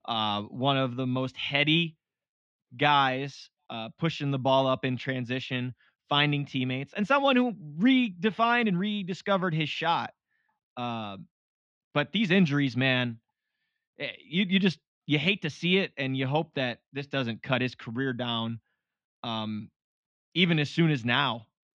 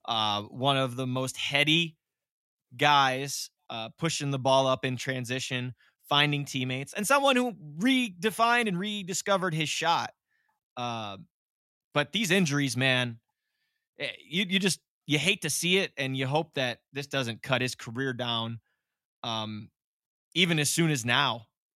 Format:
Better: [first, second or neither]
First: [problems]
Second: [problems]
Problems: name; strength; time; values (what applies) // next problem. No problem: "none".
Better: second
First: muffled; slightly; fading above 4 kHz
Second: none